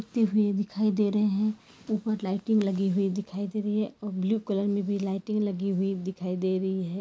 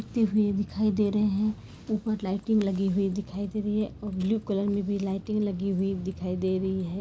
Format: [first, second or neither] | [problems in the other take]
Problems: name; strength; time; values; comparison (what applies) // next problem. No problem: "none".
first | background sound (Vehicle); 17 dB below the speech